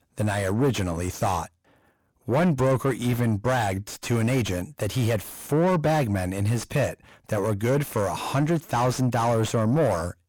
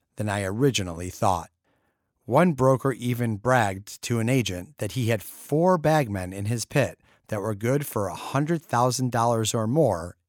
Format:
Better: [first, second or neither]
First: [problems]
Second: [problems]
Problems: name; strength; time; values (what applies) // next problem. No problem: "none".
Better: second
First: distortion; heavy; 7 dB below the speech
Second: none